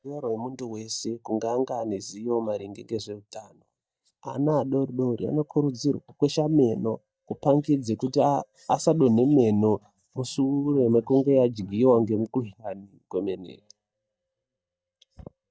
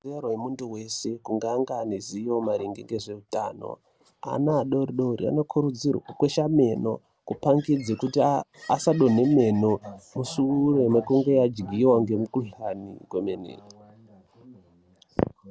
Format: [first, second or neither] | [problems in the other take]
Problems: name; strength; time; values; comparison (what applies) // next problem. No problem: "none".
second | noise reduction (neural mask model DeepFilterNet 3)